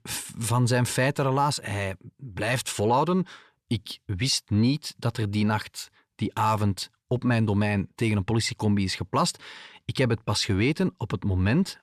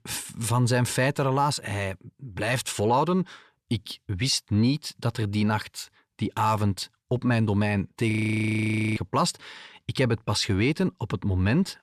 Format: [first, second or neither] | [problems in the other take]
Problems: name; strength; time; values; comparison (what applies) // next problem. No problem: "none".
first | audio freezing; at 8 s for 1 s